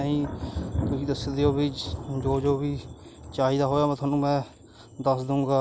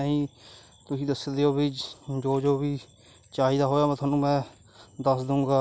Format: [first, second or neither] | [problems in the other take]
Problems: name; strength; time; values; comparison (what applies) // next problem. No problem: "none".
second | background sound (Thunder); 9 dB below the speech